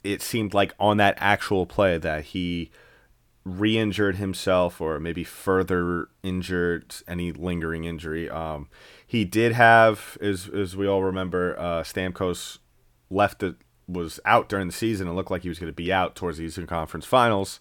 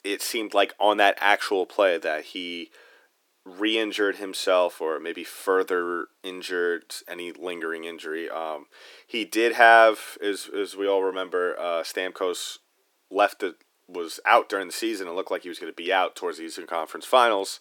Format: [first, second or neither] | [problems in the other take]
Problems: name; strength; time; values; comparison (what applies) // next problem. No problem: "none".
first | thin; somewhat; fading below 300 Hz